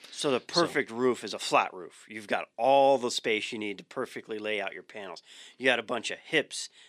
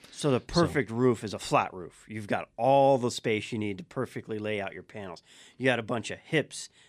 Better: second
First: thin; very slightly; fading below 300 Hz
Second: none

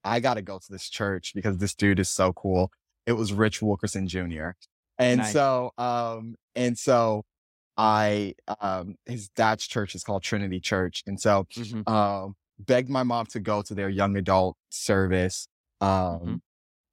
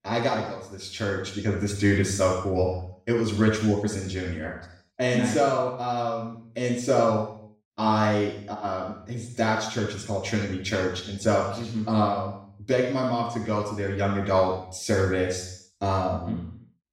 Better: first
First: none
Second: room echo; noticeable; dies away in 0.6 s // off-mic speech; far

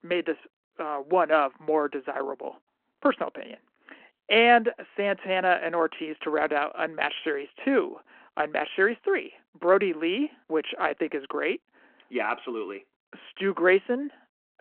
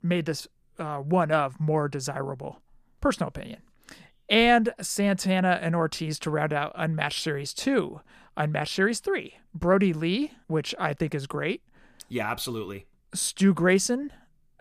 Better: second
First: phone-call audio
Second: none

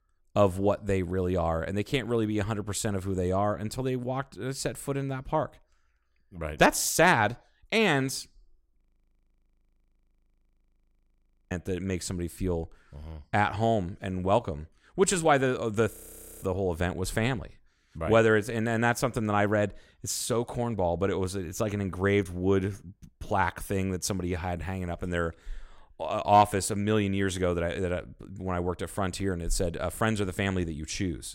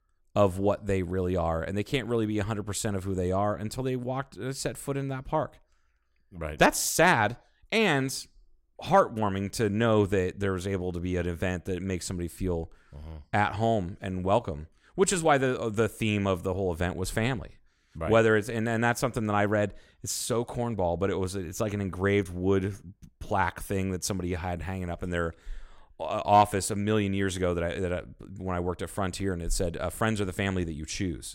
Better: second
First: audio freezing; at 9 s for 2.5 s and at 16 s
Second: none

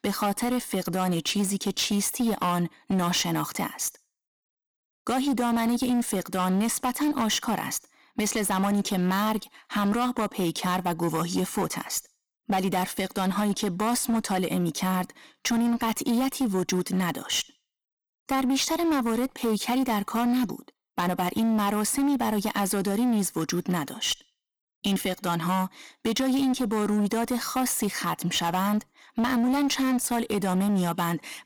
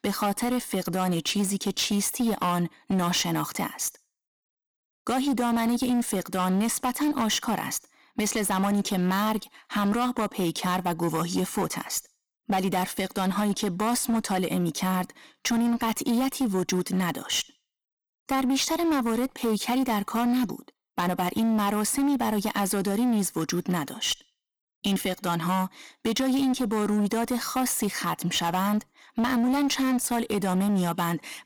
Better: neither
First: distortion; slight; 17% of the sound clipped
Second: distortion; slight; 17% of the sound clipped

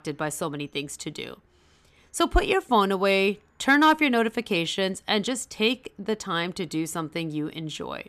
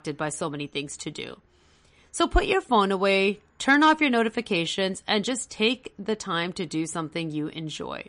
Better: first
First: none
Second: garbled, watery; slightly; nothing above 10.5 kHz

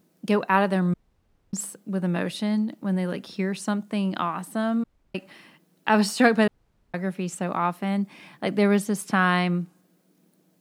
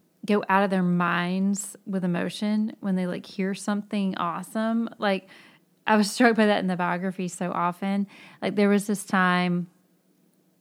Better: second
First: audio cutting out; at 1 s for 0.5 s, at 5 s and at 6.5 s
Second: none

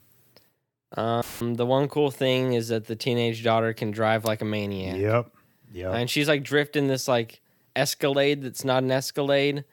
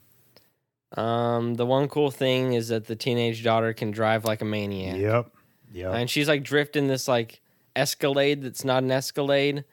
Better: second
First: audio cutting out; filled with static; at 1 s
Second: none

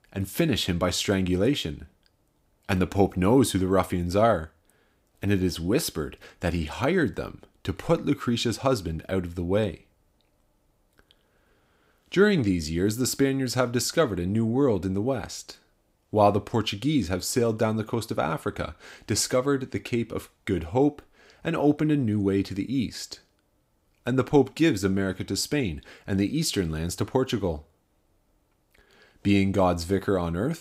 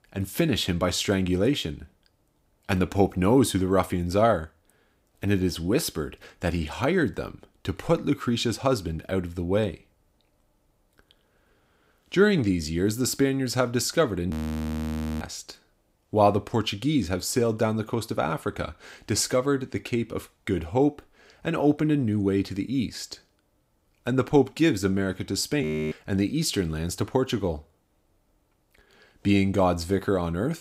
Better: first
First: none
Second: audio freezing; at 14 s for 1 s and at 26 s

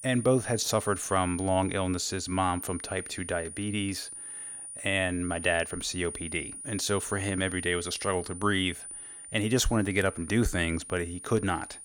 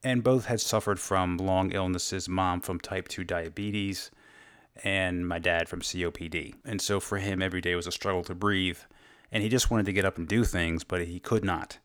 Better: second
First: high-pitched whine; noticeable; throughout; 9.5 kHz, 10 dB below the speech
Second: none

